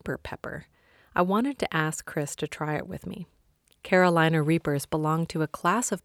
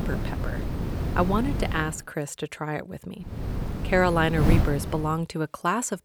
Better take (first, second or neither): first